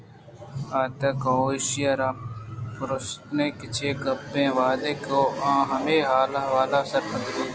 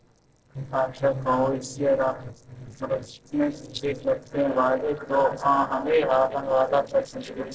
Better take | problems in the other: first | noise reduction (neural separator model SepFormer DNS4)

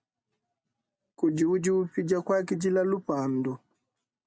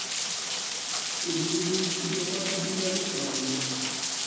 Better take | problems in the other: first | background sound (Rain); 2 dB above the speech // room echo; dies away in 2 s

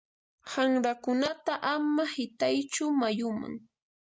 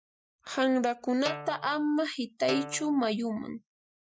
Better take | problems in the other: first | noise reduction (classical method Wiener filter)

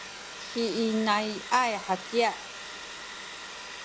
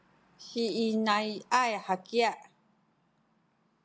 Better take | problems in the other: second | background sound (Domestic sounds, home sounds); 11 dB below the speech

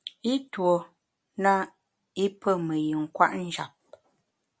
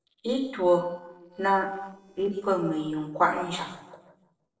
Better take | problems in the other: first | noise reduction (neural separator model SepFormer DNS4)

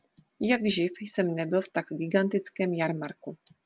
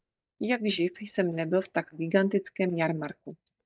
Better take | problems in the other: first | noise reduction (neural mask model DeepFilterNet 3)

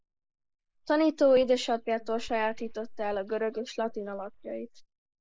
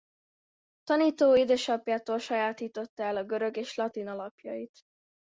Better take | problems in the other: second | noise reduction (neural mask model Resemble Enhance denoiser)

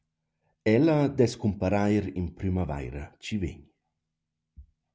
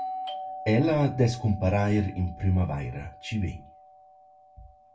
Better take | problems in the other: first | background sound (Doorbell); 13 dB below the speech // room echo; dies away in 0.2 s

